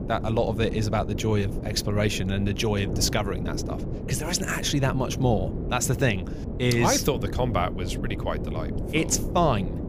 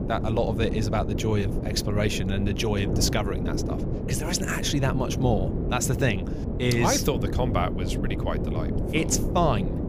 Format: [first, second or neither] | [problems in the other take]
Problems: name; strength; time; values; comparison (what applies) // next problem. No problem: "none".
first | wind noise on the microphone; heavy; 7 dB below the speech; occasional gusts in the first